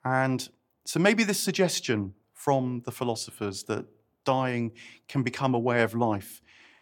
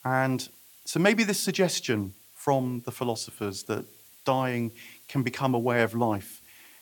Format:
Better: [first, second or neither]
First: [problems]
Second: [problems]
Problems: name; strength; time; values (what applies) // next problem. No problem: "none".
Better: first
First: none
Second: hiss; faint; throughout; 25 dB below the speech